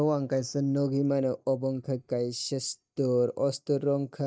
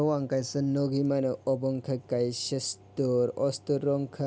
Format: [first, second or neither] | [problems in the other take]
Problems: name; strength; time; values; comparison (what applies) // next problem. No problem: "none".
second | noise reduction (neural mask model DeepFilterNet 3)